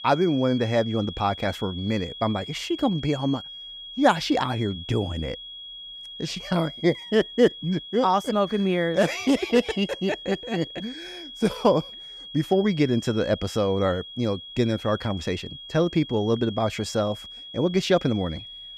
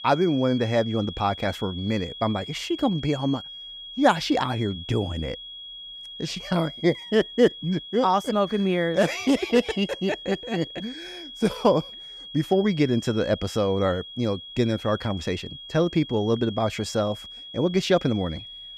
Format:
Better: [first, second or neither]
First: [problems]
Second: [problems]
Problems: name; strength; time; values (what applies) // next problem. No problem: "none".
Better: neither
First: high-pitched whine; noticeable; throughout; 3.5 kHz, 15 dB below the speech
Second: high-pitched whine; noticeable; throughout; 3.5 kHz, 15 dB below the speech